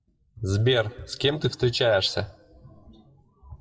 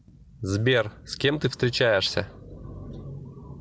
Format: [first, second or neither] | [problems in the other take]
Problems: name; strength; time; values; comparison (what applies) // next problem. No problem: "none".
second | noise reduction (classical method WPE with log-MMSE)